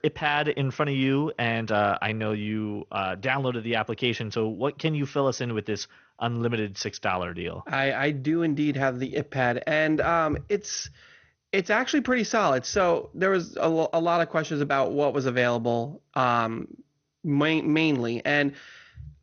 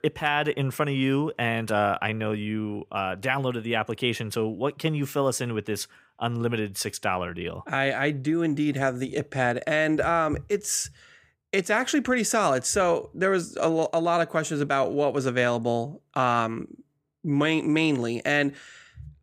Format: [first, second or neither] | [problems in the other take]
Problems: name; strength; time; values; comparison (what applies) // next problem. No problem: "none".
second | garbled, watery; slightly; nothing above 6.5 kHz